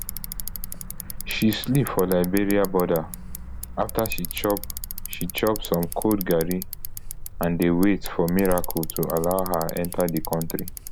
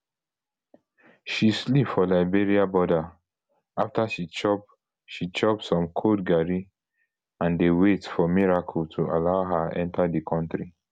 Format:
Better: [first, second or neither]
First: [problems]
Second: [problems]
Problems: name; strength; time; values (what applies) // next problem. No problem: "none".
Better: second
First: background sound (Bicycle); 7 dB below the speech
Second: none